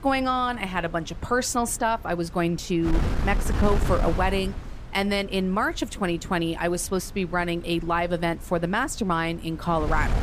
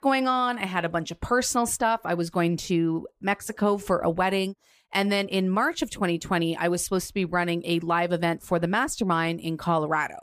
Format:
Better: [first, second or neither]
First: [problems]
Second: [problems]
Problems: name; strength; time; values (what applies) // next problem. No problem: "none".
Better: second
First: wind noise on the microphone; occasional gusts; 15 dB below the speech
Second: none